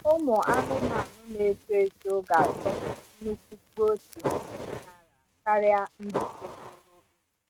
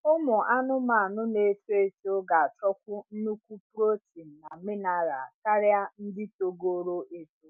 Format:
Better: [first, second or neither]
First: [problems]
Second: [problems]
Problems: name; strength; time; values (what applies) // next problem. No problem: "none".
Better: second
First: noise reduction (neural mask model RNNoise)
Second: none